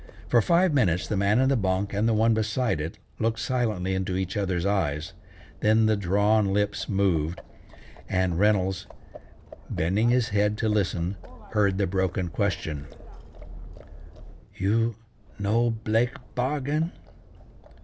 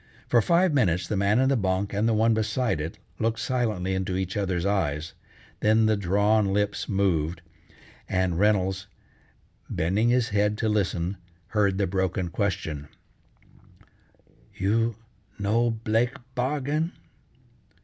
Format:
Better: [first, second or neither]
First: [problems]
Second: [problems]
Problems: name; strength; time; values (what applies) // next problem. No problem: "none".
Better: second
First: background sound (Livestock, farm animals, working animals); 18 dB below the speech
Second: none